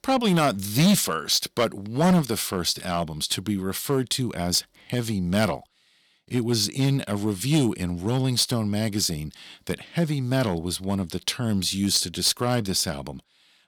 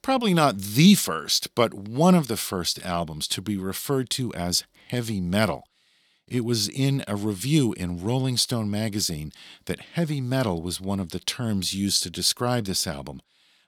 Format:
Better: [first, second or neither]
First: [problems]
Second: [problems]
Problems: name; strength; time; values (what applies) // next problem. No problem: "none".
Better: second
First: distortion; slight; 3% of the sound clipped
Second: none